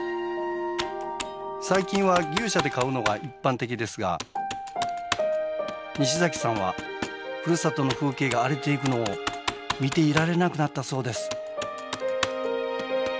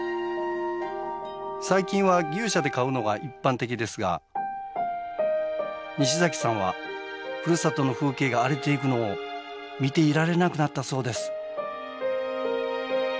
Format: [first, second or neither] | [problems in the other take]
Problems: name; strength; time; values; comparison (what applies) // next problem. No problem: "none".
second | background sound (Computer keyboard); 11 dB below the speech